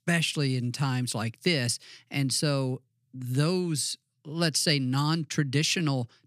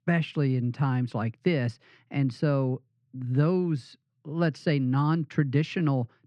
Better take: first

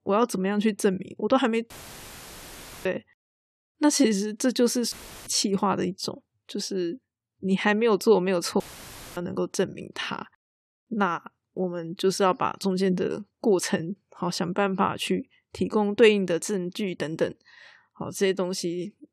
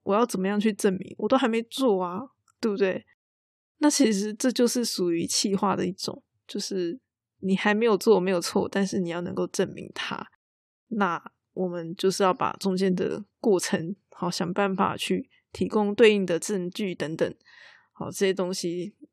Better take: second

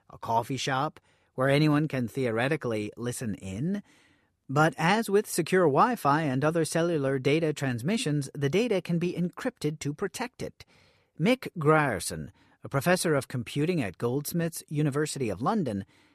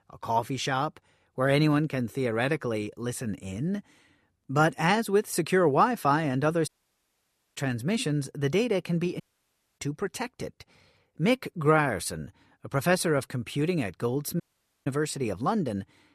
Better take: first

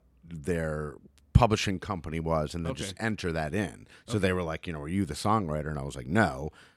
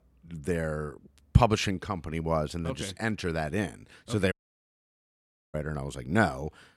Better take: first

